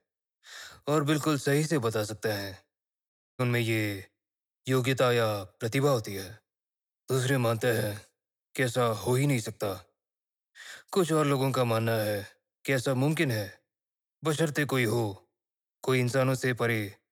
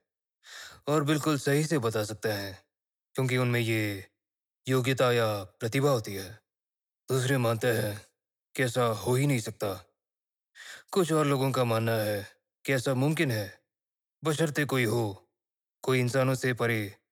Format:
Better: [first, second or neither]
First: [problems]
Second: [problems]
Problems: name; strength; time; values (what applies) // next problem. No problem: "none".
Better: second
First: audio cutting out; at 3 s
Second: none